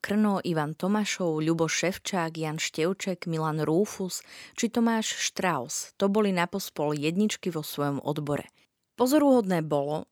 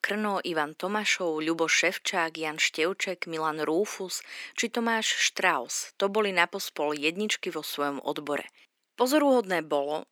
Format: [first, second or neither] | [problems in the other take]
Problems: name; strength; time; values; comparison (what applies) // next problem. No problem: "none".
first | thin; somewhat; fading below 300 Hz